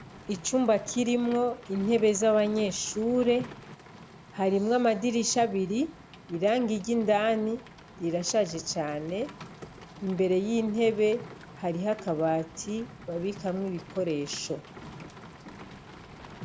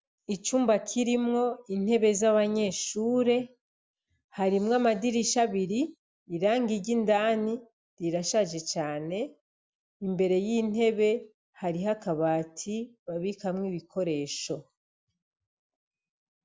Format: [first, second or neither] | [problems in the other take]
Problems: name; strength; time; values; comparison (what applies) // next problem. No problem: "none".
second | background sound (Rain); 18 dB below the speech